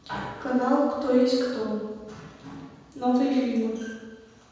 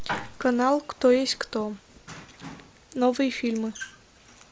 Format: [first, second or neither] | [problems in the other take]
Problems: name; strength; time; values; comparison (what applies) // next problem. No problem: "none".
second | room echo; dies away in 1.2 s